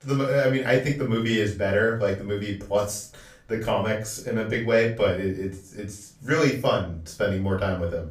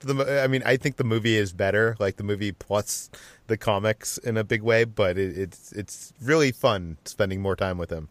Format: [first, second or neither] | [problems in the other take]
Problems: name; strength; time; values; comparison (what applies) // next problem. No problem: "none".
second | off-mic speech; far // room echo; slight; dies away in 0.3 s